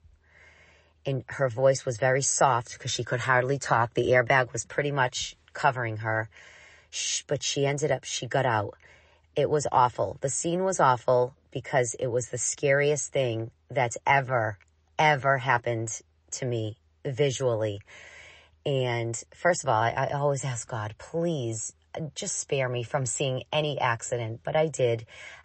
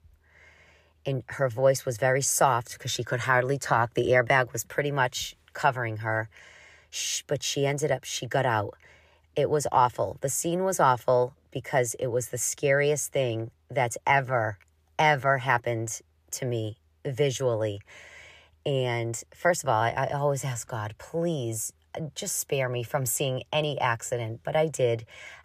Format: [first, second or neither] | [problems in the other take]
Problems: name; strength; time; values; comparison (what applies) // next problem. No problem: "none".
second | garbled, watery; slightly; nothing above 8 kHz